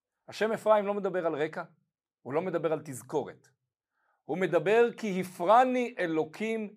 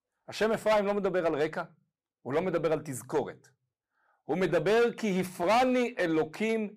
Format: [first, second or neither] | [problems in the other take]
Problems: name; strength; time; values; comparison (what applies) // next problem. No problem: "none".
first | distortion; heavy; 7% of the sound clipped